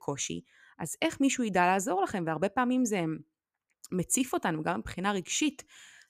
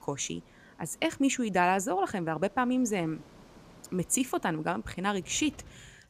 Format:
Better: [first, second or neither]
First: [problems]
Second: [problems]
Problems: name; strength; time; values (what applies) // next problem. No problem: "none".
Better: first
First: none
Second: rain or running water; faint; throughout; 25 dB below the speech